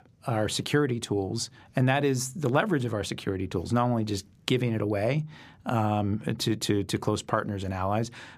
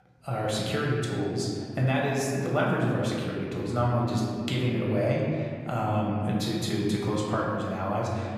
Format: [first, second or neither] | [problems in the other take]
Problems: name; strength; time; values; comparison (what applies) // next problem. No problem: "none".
first | room echo; noticeable; dies away in 2 s // off-mic speech; far